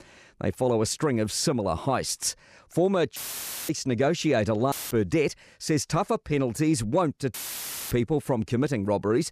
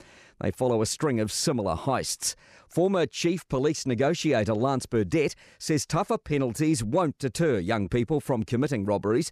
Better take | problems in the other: second | audio cutting out; filled with static; at 3 s for 0.5 s, at 4.5 s and at 7.5 s for 0.5 s

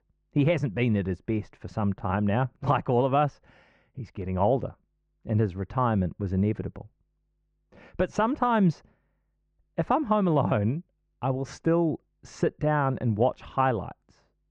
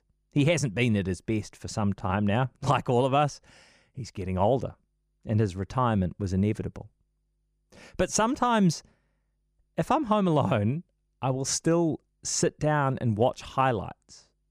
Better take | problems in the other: second | muffled; very; fading above 2 kHz

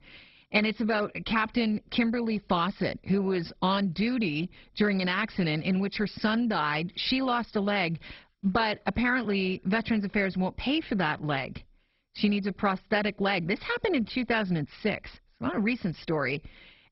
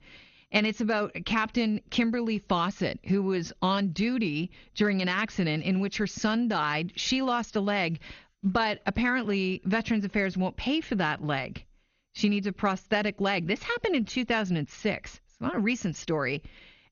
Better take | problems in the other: second | garbled, watery; badly; nothing above 5.5 kHz; slightly in the second

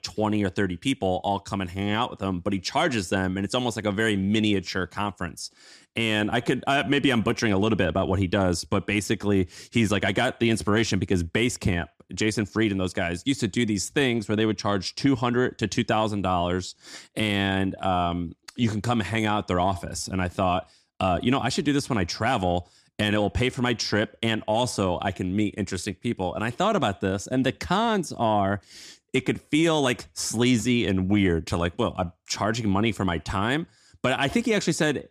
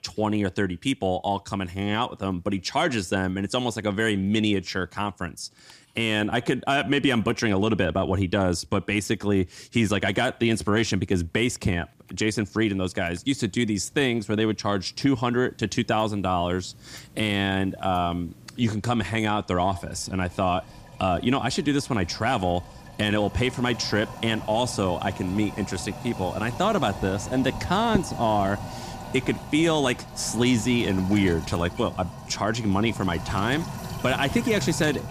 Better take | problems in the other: first | household noises; noticeable; throughout; 10 dB below the speech

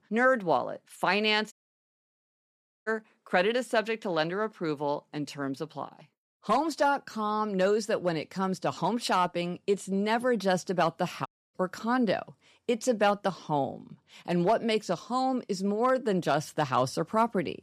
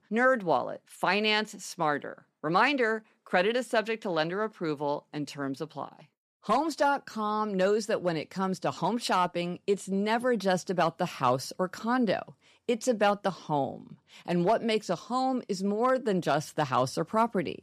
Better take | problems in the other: second | audio cutting out; at 1.5 s for 1.5 s and at 11 s

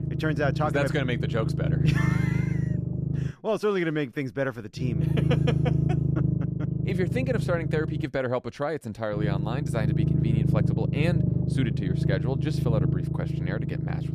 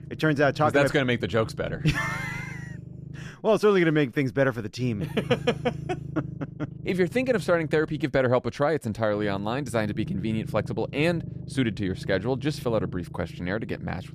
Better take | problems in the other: second | low rumble; loud; until 3.5 s, from 5 to 8 s and from 9 s on; 5 dB below the speech; faint in the second

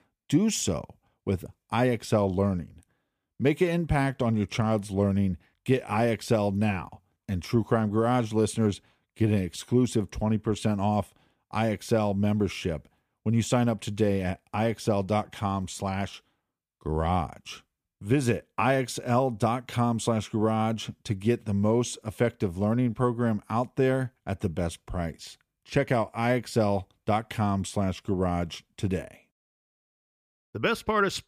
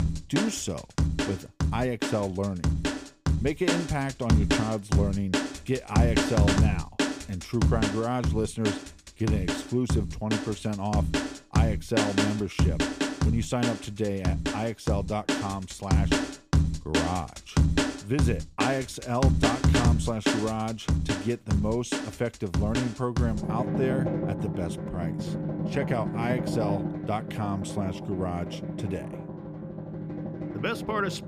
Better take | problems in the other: first | background music; very loud; throughout; 2 dB above the speech

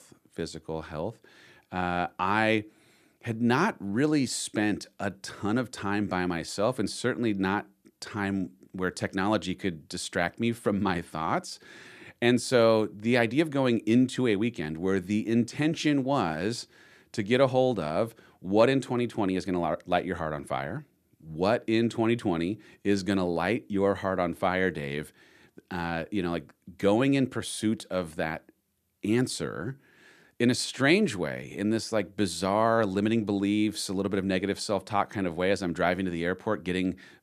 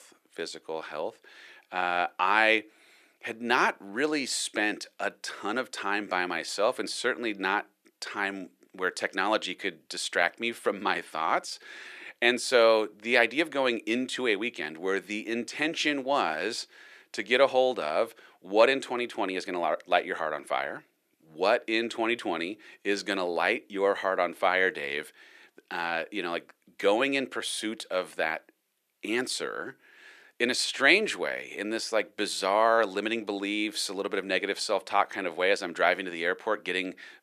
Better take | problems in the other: first | thin; somewhat; fading below 450 Hz

